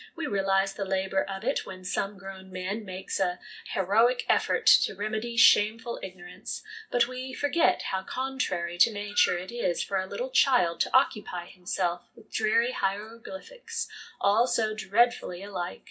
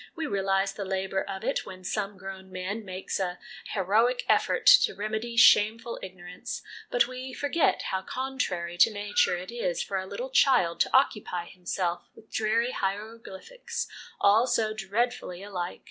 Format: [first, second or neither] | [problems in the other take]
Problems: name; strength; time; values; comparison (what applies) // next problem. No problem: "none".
second | room echo; dies away in 0.4 s